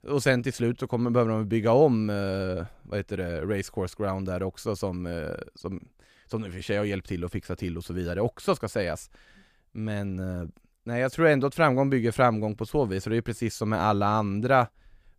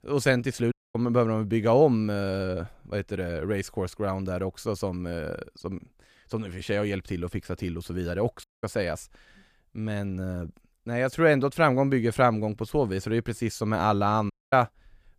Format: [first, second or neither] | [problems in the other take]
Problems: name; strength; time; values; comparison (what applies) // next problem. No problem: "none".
first | audio cutting out; at 0.5 s, at 8.5 s and at 14 s